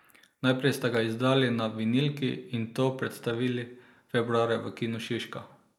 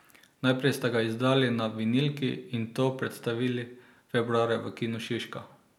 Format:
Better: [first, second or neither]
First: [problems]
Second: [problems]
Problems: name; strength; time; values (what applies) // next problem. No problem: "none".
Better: second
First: noise reduction (neural mask model Resemble Enhance denoiser)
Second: none